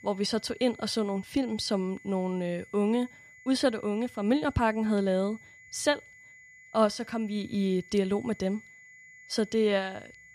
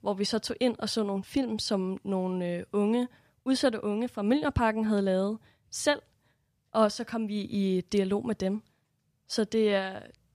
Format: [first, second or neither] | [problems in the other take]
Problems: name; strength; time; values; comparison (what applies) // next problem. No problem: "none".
second | high-pitched whine; faint; throughout; 2 kHz, 20 dB below the speech